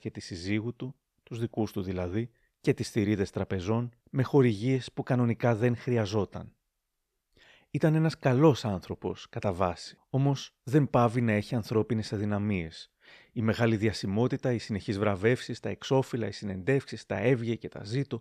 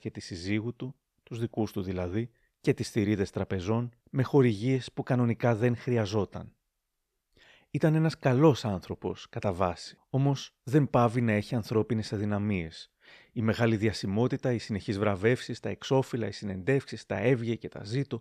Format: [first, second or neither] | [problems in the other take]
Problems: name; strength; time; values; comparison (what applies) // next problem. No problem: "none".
neither | none